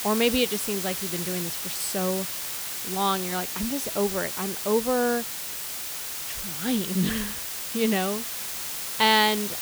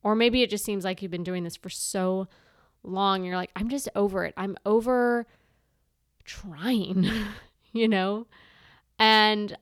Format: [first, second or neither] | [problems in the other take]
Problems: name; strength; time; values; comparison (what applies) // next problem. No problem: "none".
second | hiss; loud; throughout; 3 dB below the speech